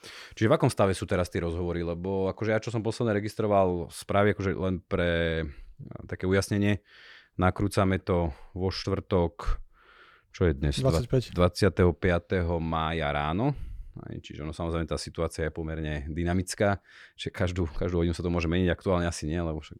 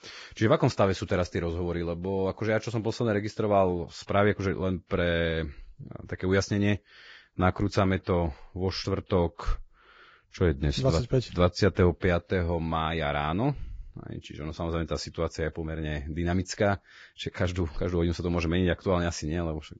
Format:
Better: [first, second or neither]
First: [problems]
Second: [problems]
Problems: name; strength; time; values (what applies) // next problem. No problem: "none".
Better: first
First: none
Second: garbled, watery; badly; nothing above 7.5 kHz